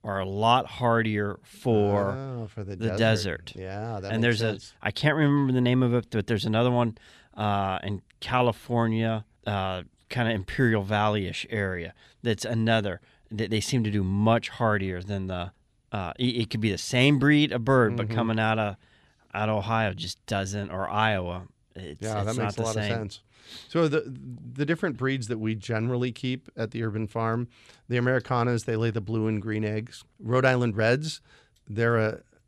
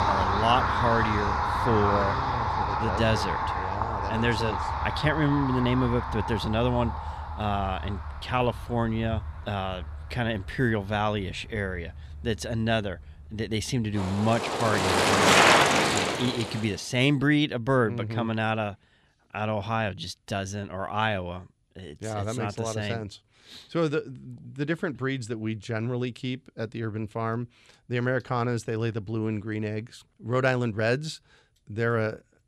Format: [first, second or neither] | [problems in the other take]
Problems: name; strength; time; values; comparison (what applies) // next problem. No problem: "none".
first | traffic noise; very loud; until 17 s; 2 dB above the speech